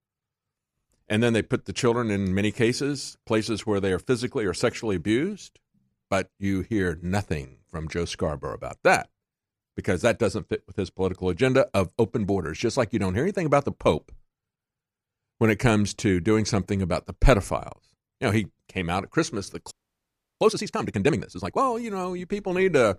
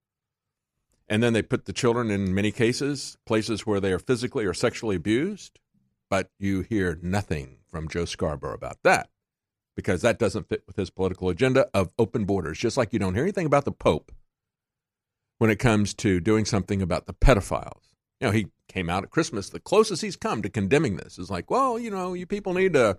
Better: second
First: audio freezing; at 20 s for 0.5 s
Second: none

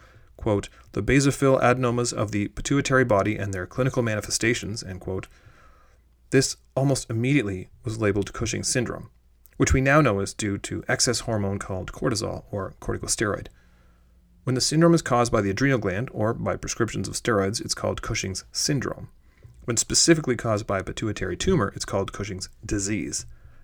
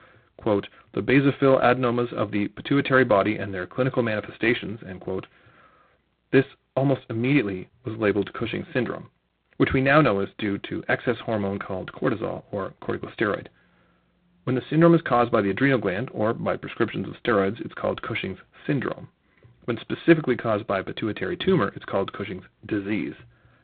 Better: first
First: none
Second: phone-call audio; poor line; nothing above 4 kHz

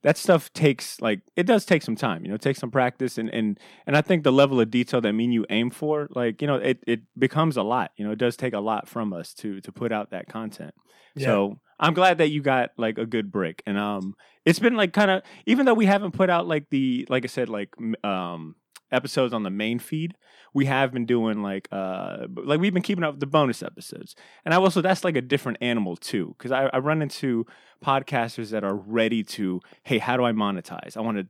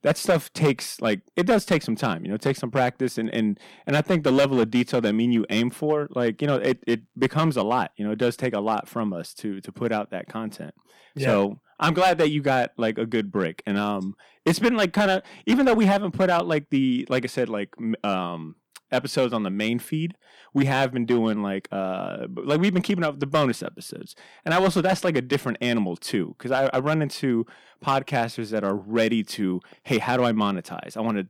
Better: first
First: none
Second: distortion; slight; 3% of the sound clipped

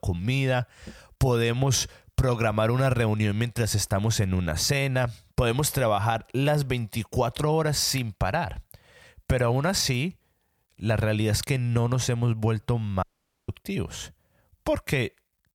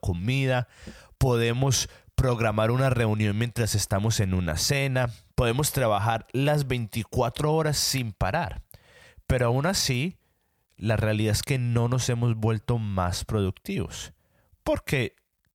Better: second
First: audio cutting out; at 13 s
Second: none

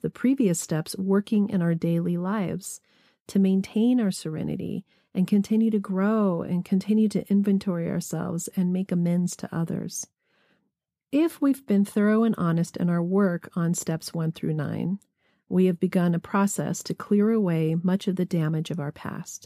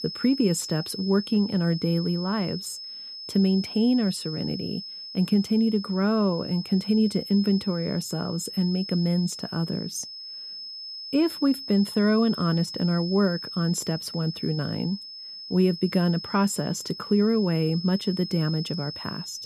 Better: first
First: none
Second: high-pitched whine; loud; throughout; 5 kHz, 10 dB below the speech

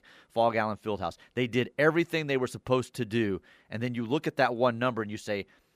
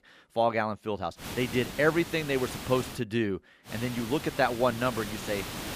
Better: first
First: none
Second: hiss; loud; from 1 to 3 s and from 3.5 s on; 9 dB below the speech

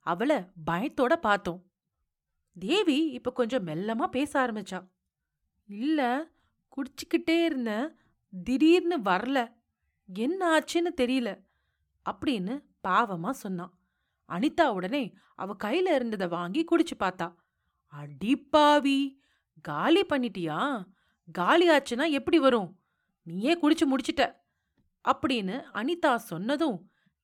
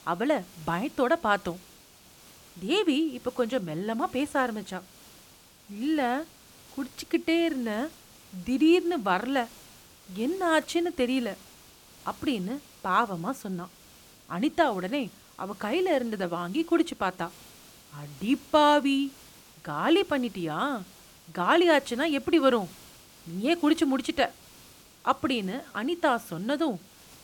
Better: first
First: none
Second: hiss; faint; throughout; 25 dB below the speech

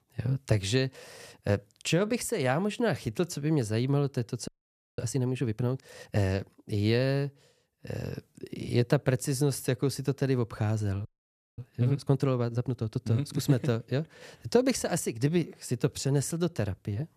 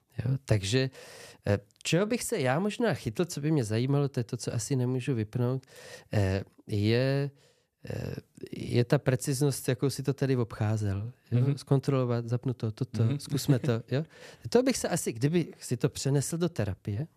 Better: second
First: audio freezing; at 4.5 s for 0.5 s and at 11 s for 0.5 s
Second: none

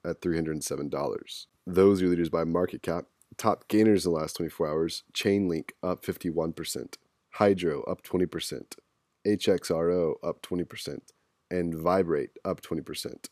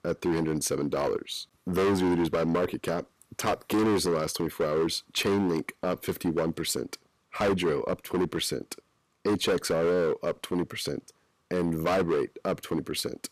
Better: first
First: none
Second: distortion; heavy; 13% of the sound clipped

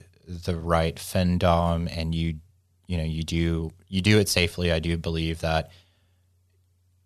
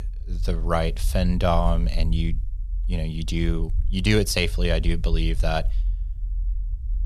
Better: first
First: none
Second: low rumble; faint; throughout; 25 dB below the speech

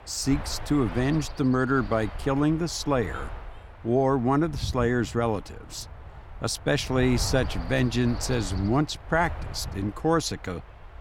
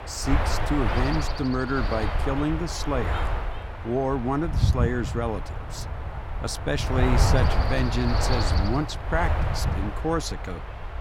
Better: first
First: wind noise on the microphone; occasional gusts; 15 dB below the speech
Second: wind noise on the microphone; heavy; 2 dB below the speech

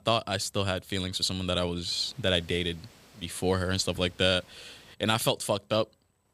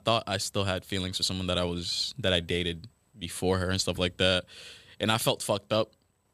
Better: second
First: hiss; faint; from 2 to 5 s; 25 dB below the speech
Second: none

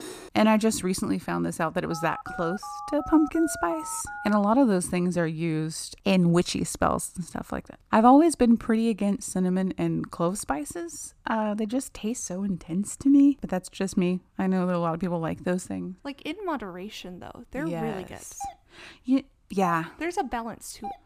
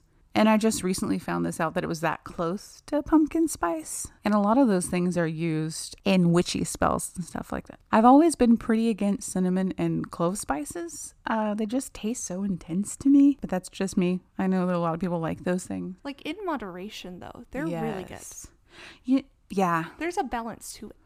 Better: second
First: clattering dishes; faint; at the start; peak 15 dB below the speech // phone ringing; faint; from 2 to 4.5 s; peak 10 dB below the speech // doorbell; faint; from 18 s on; peak 15 dB below the speech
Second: none

